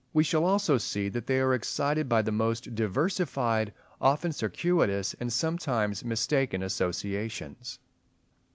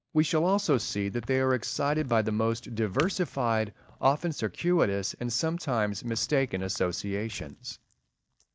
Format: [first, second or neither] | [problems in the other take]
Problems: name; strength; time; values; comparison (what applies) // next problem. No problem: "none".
first | noise reduction (neural mask model DeepFilterNet 3)